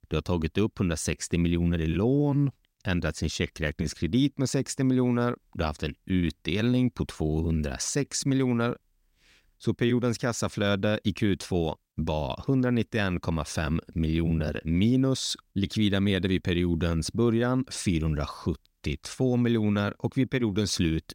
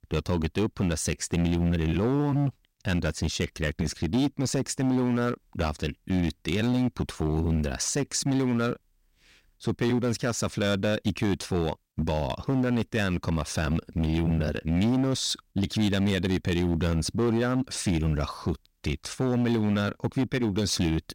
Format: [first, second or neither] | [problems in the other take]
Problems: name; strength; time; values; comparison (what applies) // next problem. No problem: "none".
first | distortion; slight; 11% of the sound clipped